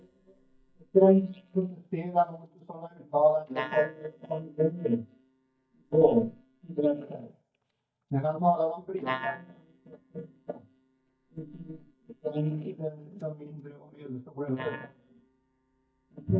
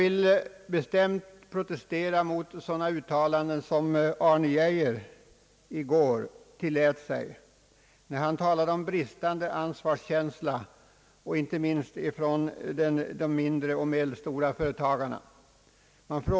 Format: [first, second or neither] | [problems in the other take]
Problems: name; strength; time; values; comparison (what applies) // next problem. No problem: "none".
second | noise reduction (neural mask model DeepFilterNet 3)